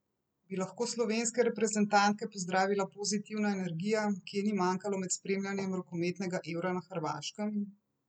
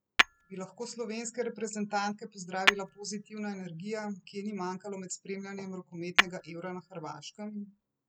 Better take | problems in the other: first | background sound (Tap / Hammer); 4 dB above the speech

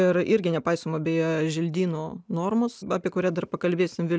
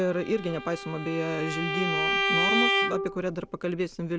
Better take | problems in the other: first | background sound (Bowed string instrument); 1 dB above the speech

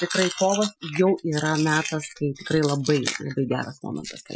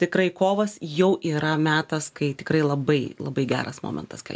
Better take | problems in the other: second | noise reduction (classical method Wiener filter)

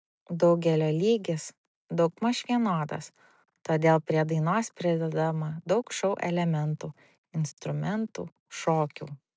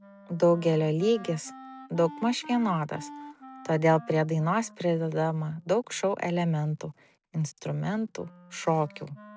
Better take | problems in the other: first | background sound (Wind instrument, woodwind instrument); 20 dB below the speech

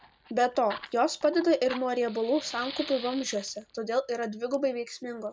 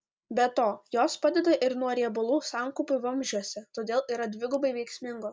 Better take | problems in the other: second | background sound (Fire); 17 dB below the speech

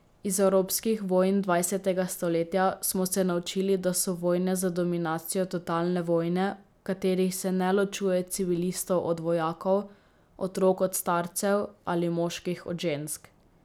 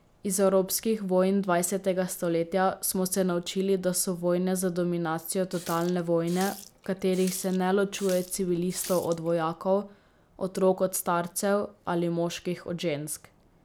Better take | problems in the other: first | background sound (Water tap, faucet); 17 dB below the speech

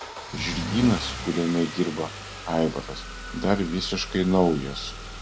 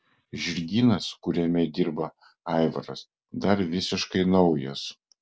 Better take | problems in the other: second | background sound (Engine starting / Car); 9 dB below the speech

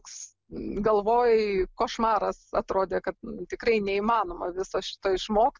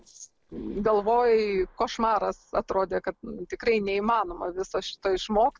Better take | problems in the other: first | noise reduction (neural separator model SepFormer DNS4)

